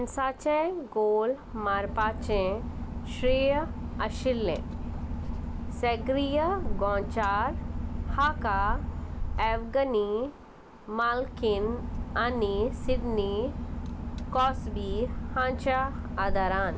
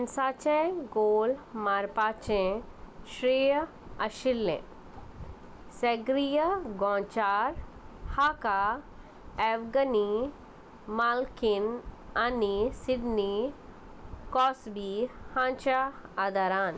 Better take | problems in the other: second | background sound (Engine / Boat, Water vehicle); 4 dB below the speech

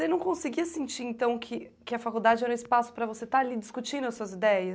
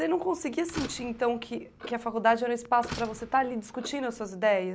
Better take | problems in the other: first | background sound (Clock + Slam); 16 dB below the speech

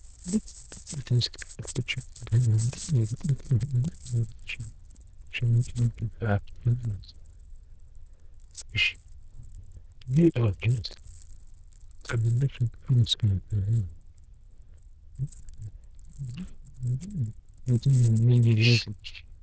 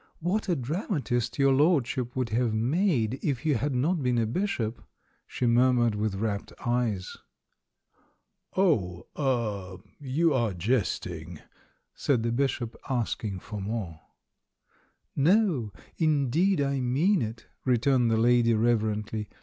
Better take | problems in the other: second | noise reduction (neural diffusion model UNIVERSE++)

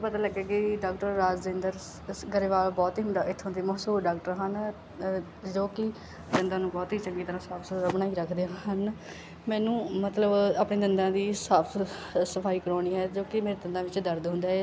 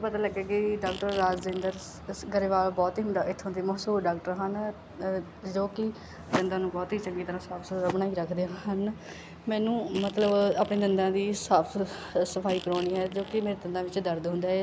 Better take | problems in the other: first | background sound (Fart); 15 dB below the speech

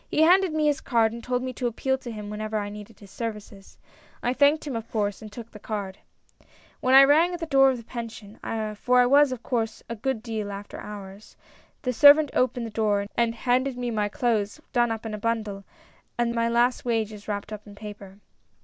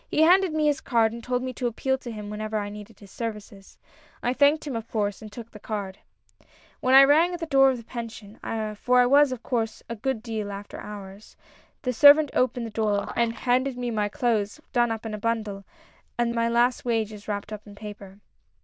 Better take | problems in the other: first | noise reduction (neural diffusion model UNIVERSE++)

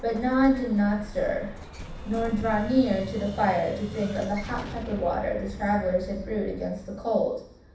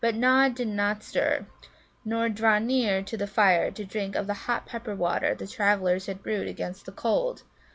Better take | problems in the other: second | background sound (Explosion); 11 dB below the speech // room echo; dies away in 0.7 s

